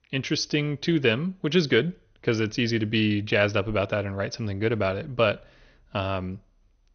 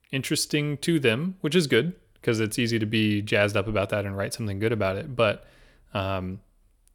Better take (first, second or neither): second